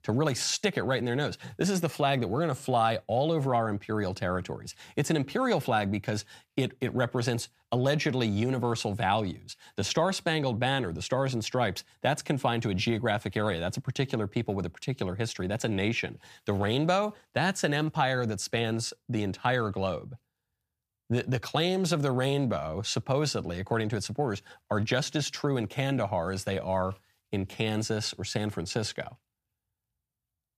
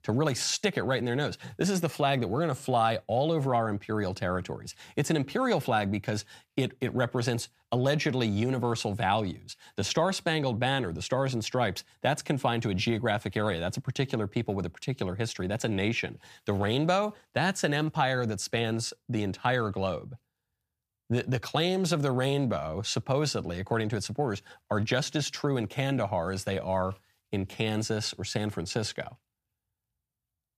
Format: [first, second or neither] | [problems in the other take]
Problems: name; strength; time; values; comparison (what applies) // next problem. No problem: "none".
neither | none